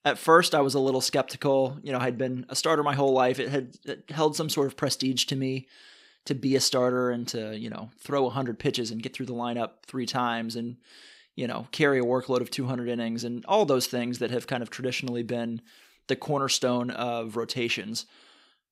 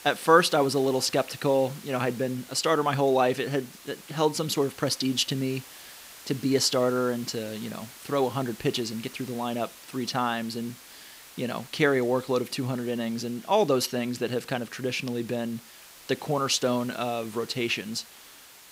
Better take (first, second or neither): first